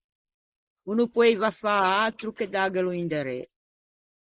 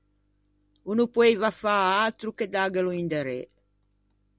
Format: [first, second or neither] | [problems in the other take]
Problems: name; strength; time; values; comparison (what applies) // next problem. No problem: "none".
second | noise reduction (neural mask model Resemble Enhance denoiser)